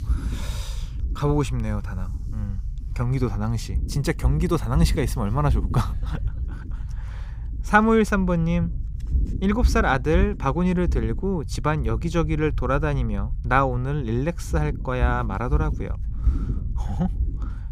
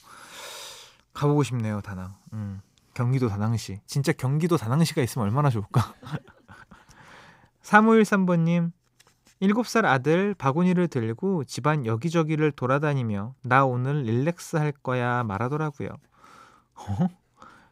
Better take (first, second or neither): second